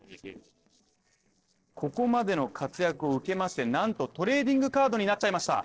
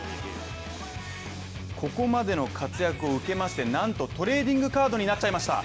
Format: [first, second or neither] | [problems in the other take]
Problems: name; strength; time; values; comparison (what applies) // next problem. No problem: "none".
second | noise reduction (neural separator model SepFormer DNS4)